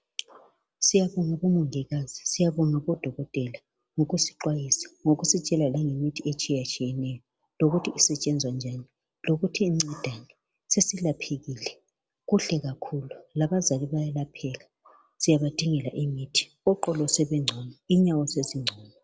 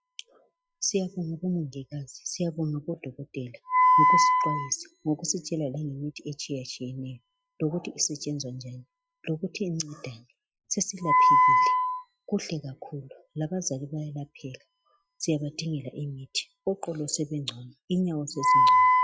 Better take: first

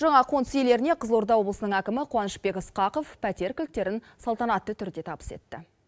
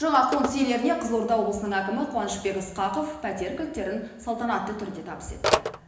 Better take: first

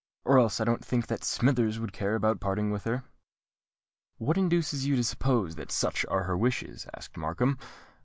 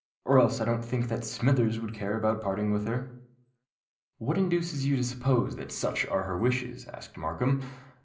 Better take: first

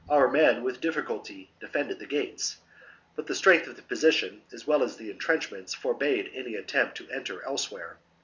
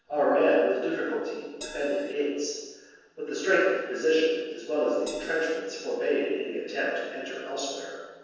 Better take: first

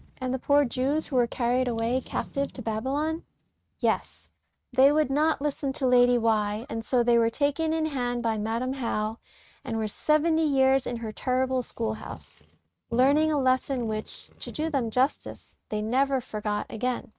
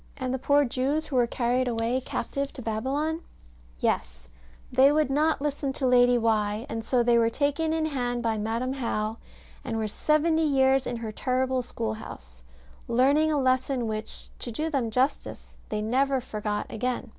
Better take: second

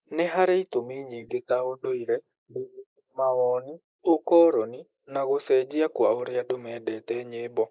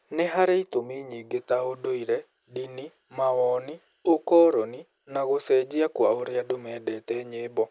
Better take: second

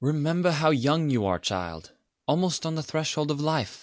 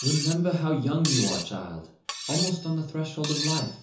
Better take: first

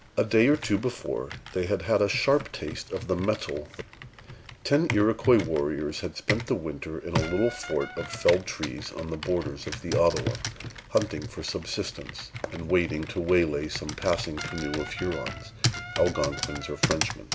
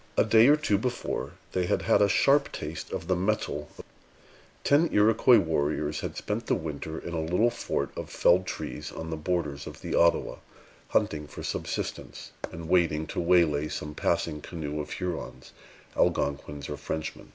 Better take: second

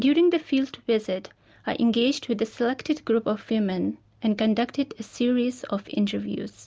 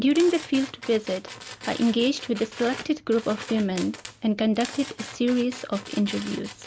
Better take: first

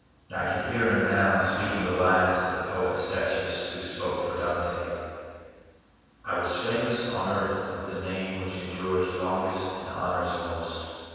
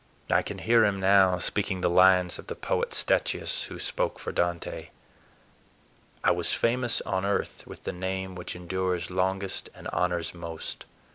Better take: second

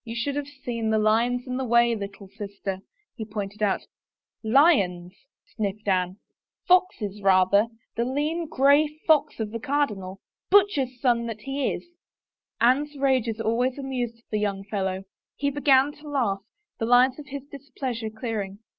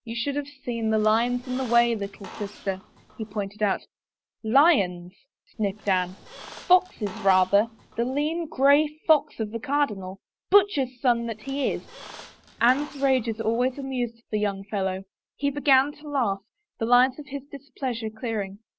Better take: first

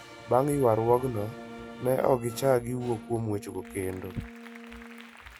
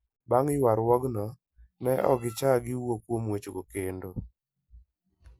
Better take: second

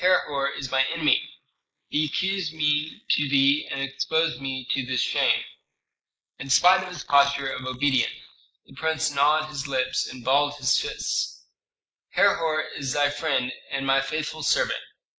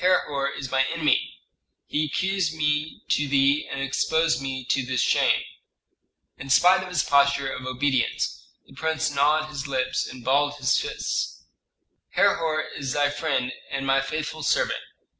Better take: second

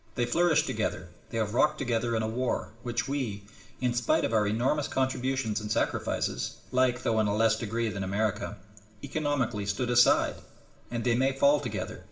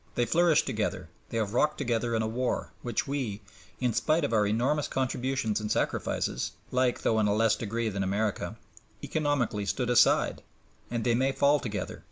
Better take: second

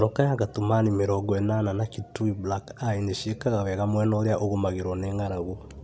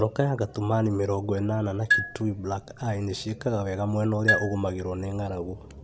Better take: first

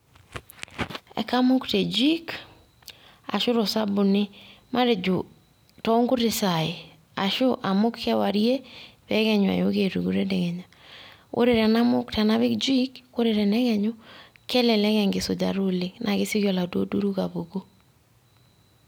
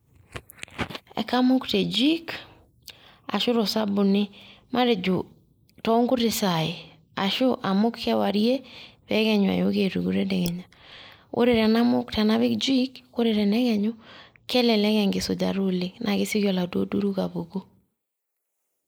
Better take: first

